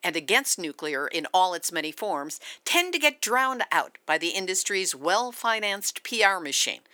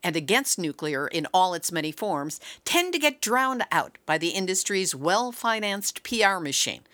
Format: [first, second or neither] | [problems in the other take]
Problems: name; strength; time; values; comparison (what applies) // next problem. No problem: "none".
second | thin; very slightly; fading below 350 Hz